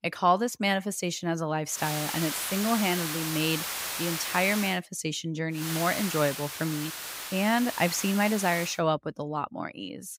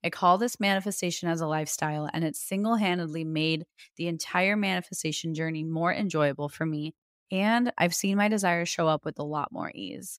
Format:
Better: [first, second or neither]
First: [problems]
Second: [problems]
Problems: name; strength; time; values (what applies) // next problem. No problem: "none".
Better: second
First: hiss; loud; from 2 to 4.5 s and from 5.5 to 8.5 s; 4 dB below the speech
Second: none